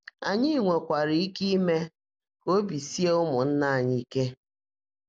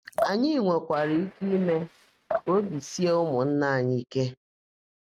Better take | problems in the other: first | noise reduction (neural mask model RNNoise)

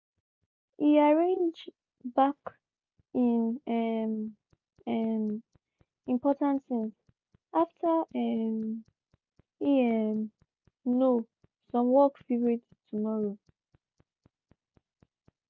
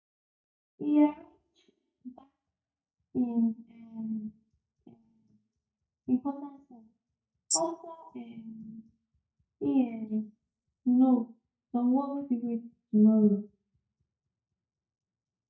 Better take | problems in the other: first | noise reduction (neural mask model DeepFilterNet 3)

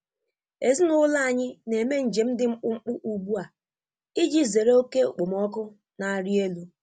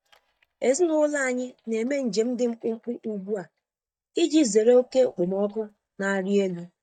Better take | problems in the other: first | noise reduction (neural mask model DeepFilterNet 3)

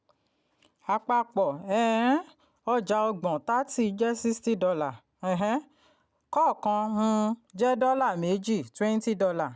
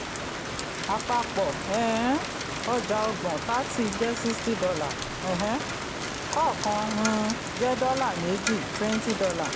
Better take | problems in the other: first | background sound (Rain); 3 dB below the speech

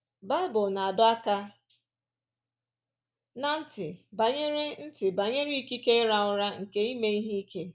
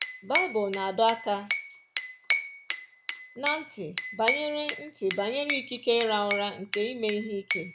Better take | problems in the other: first | background sound (Glass / Bell); 4 dB below the speech

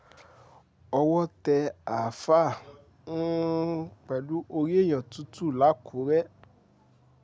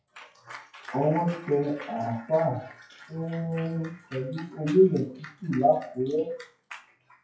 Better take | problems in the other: first | noise reduction (classical method WPE with log-MMSE)

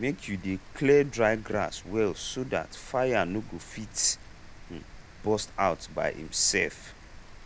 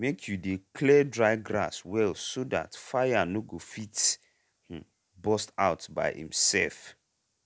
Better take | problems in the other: second | background sound (Rain); 17 dB below the speech

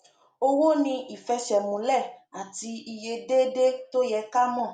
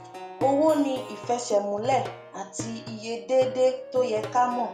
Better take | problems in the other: first | background sound (Plucked string instrument); 13 dB below the speech

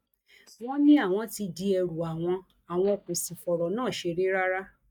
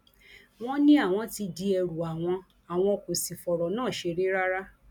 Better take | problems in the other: second | noise reduction (neural mask model DeepFilterNet 3)

